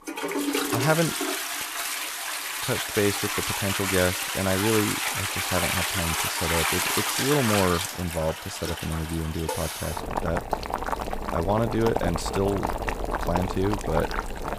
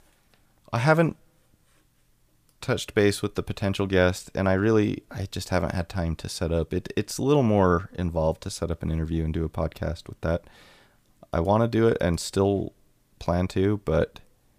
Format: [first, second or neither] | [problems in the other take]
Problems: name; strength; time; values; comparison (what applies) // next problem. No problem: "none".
second | household noises; very loud; throughout; as loud as the speech